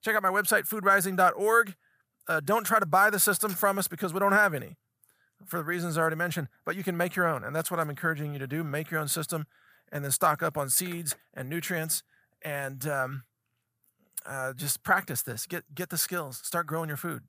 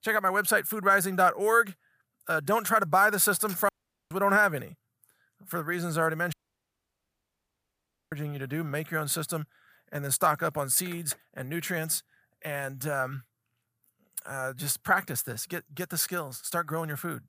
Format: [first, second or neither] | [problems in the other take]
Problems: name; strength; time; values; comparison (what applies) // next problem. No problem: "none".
first | audio cutting out; at 3.5 s and at 6.5 s for 2 s